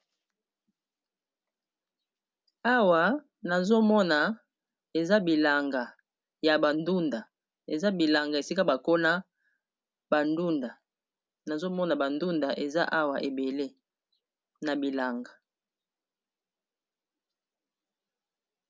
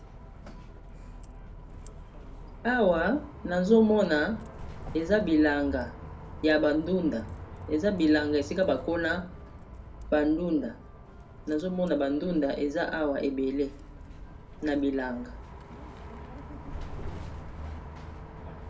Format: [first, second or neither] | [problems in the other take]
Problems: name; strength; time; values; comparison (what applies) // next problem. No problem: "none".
first | background sound (Bus); 13 dB below the speech // room echo; dies away in 0.3 s